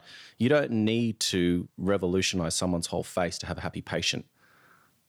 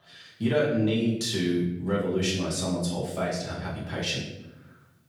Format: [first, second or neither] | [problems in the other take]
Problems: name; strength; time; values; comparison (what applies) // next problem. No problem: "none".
first | off-mic speech; far // room echo; noticeable; dies away in 0.8 s